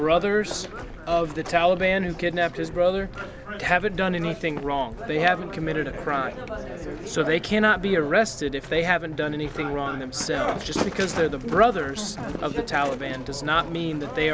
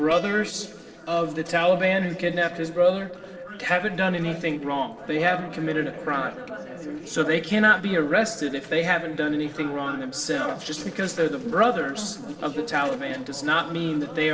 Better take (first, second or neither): first